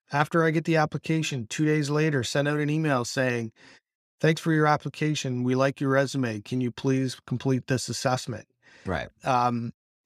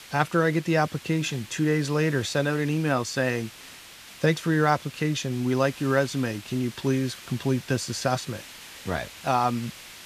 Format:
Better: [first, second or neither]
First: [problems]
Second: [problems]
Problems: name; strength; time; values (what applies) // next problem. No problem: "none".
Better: first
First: none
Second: hiss; noticeable; throughout; 15 dB below the speech